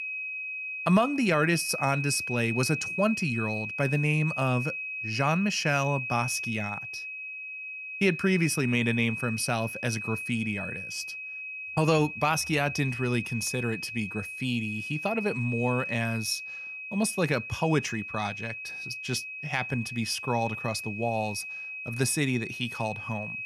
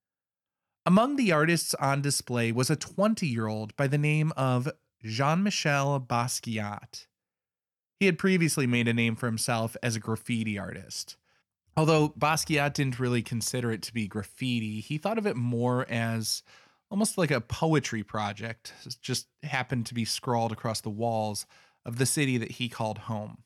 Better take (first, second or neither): second